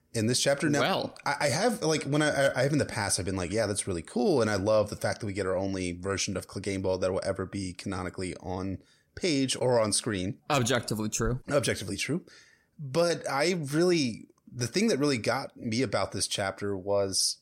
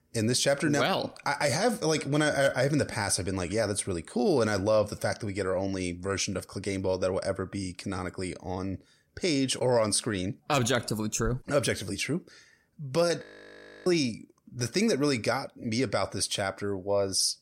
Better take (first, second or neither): first